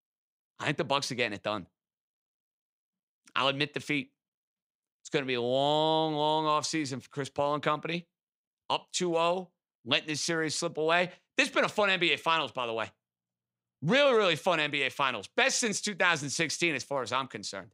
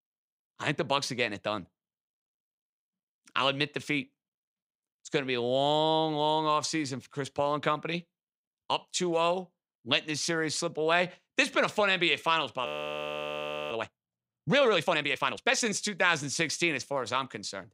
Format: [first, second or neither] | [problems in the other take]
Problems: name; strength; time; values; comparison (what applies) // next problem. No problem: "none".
first | audio freezing; at 13 s for 1 s